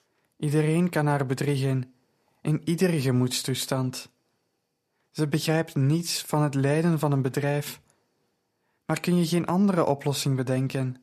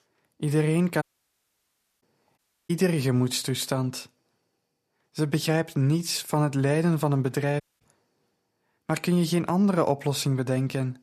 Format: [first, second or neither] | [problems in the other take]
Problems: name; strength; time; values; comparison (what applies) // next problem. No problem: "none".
first | audio cutting out; at 1 s for 1 s, at 2.5 s and at 7.5 s